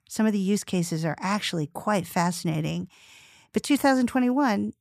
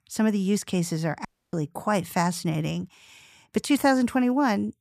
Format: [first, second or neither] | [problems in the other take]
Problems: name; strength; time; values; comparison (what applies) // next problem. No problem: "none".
first | audio cutting out; at 1.5 s